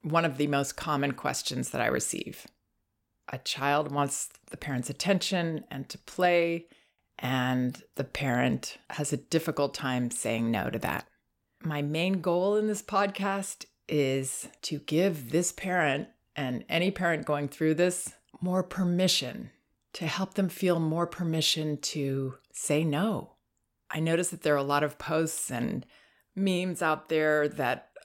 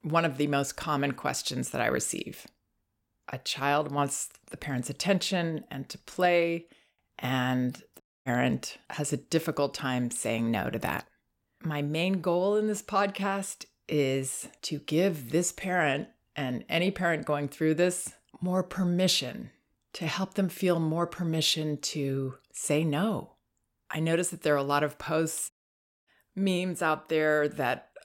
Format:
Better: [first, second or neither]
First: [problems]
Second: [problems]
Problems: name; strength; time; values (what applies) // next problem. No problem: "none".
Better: first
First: none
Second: audio cutting out; at 8 s and at 26 s for 0.5 s